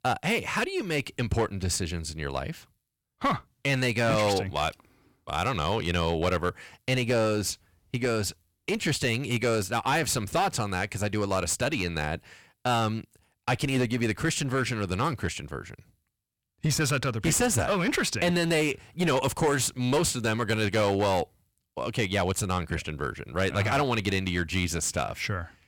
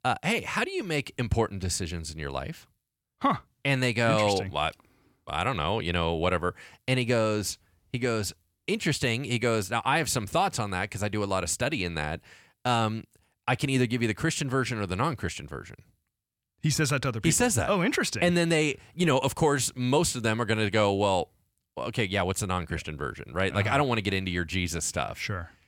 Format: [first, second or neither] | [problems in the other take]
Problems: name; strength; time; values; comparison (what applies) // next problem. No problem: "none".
second | distortion; slight; 8% of the sound clipped